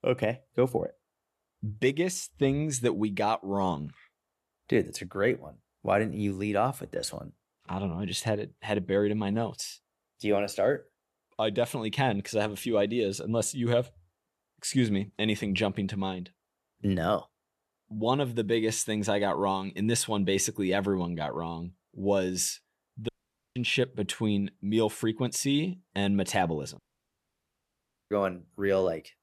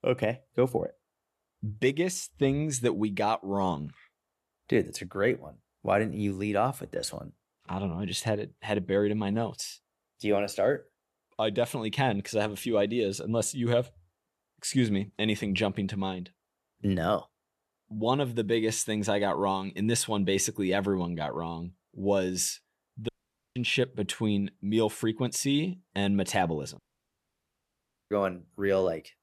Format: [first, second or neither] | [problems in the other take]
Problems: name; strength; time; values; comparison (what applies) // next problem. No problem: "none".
neither | audio cutting out; at 23 s and at 27 s for 1.5 s; the same in both